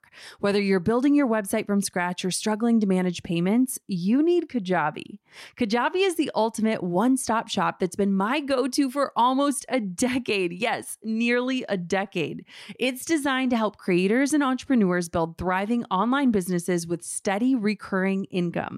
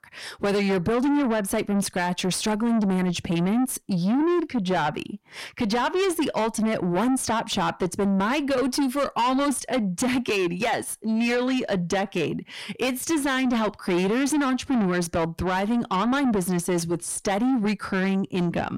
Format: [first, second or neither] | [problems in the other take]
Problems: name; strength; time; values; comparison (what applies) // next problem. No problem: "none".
first | distortion; heavy; 7 dB below the speech